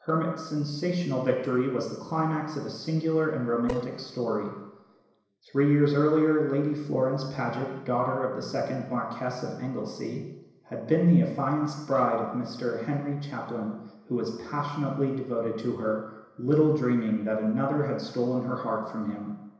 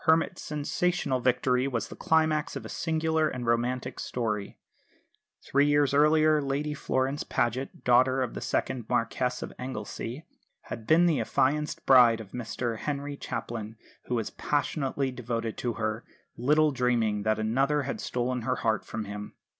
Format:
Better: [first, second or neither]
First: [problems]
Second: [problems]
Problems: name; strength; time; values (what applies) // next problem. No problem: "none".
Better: second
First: noise reduction (neural separator model SepFormer DNS4)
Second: none